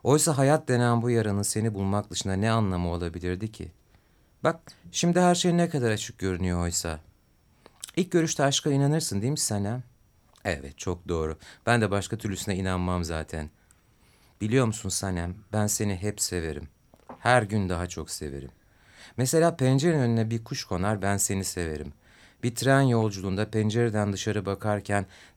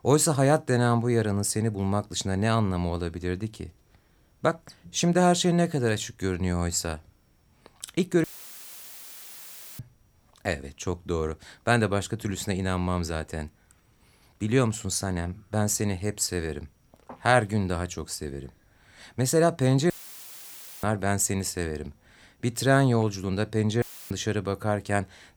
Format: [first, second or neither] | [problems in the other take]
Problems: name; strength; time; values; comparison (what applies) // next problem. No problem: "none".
first | audio cutting out; filled with static; at 8 s for 1.5 s, at 20 s for 1 s and at 24 s